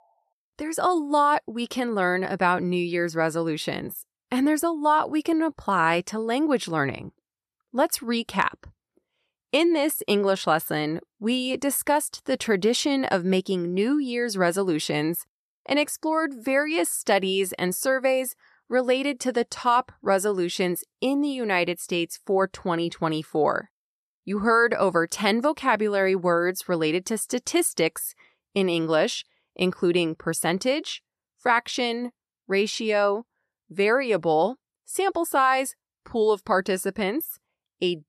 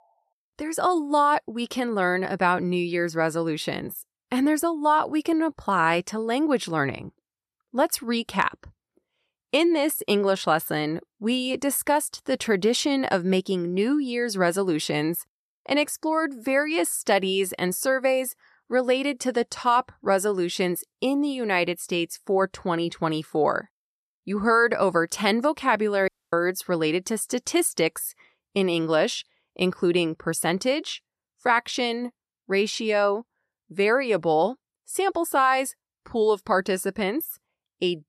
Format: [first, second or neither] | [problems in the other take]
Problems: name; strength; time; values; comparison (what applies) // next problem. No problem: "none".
first | audio cutting out; at 26 s